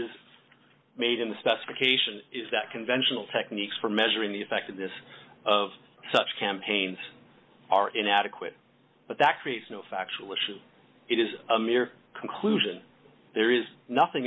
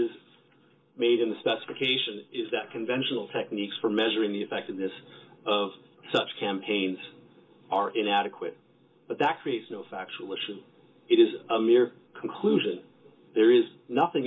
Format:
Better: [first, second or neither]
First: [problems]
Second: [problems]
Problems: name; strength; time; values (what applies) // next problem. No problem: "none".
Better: first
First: none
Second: room echo; dies away in 0.2 s